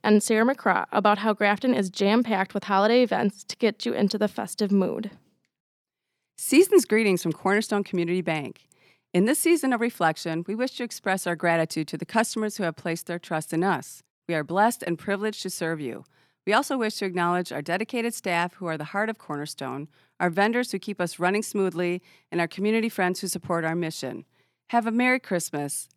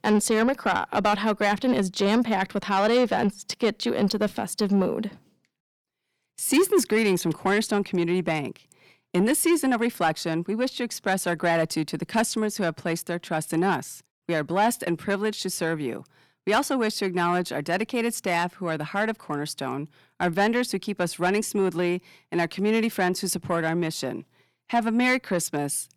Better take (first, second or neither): first